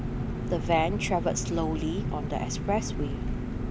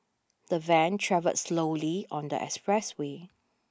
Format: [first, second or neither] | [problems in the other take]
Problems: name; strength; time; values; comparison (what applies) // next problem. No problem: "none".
second | background sound (Engine); as loud as the speech